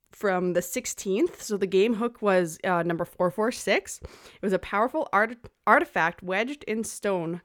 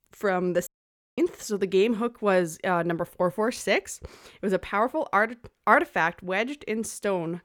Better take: first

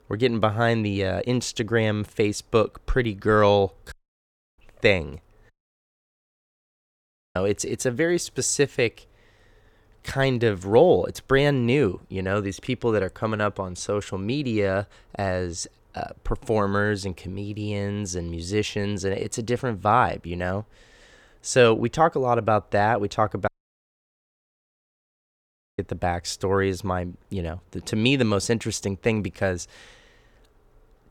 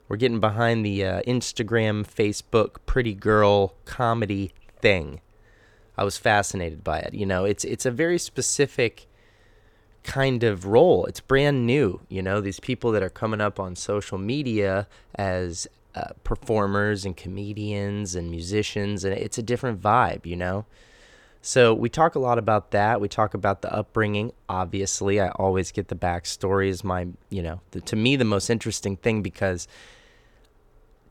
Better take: second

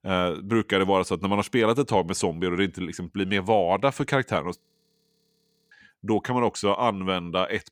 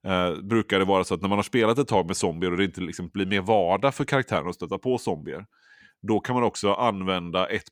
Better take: second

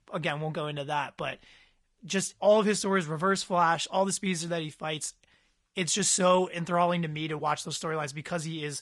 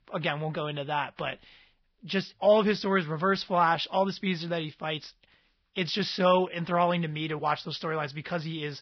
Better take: first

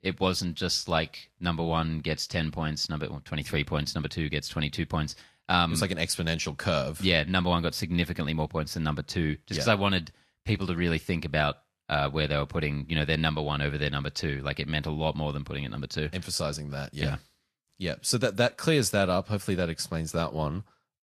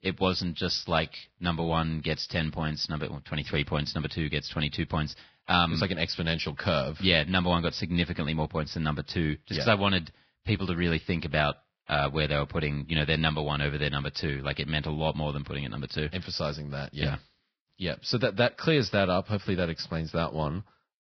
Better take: first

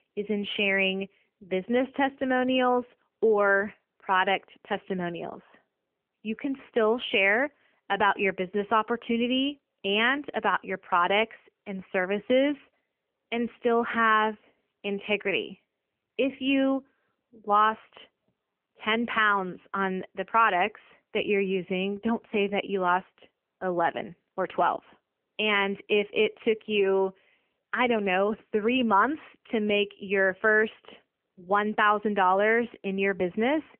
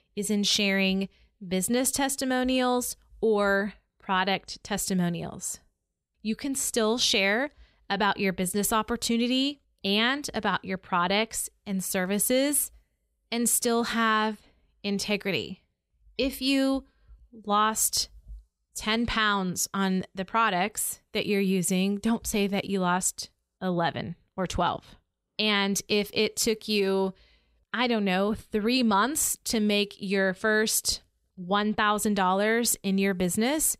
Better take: second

